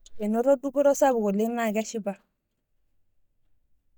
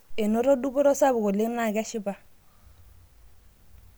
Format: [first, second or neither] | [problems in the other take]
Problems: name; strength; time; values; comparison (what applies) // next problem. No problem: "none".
second | noise reduction (neural mask model DeepFilterNet 3)